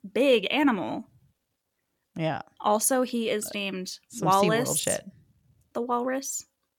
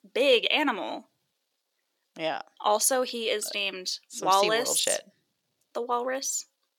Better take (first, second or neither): first